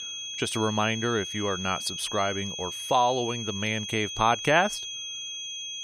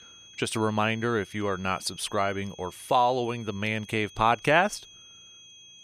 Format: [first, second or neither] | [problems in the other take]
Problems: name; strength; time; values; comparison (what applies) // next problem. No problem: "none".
second | high-pitched whine; loud; throughout; 3.5 kHz, 6 dB below the speech; faint in the second